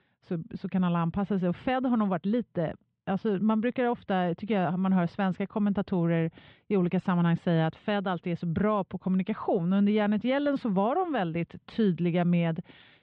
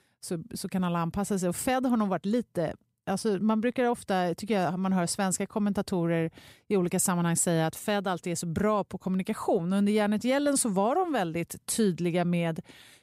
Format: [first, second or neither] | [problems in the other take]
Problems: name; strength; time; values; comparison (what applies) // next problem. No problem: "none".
second | muffled; very; fading above 3.5 kHz